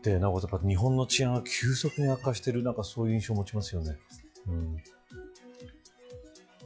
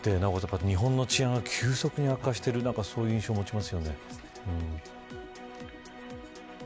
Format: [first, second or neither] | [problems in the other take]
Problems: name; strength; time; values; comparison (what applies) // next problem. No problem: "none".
second | noise reduction (classical method log-MMSE)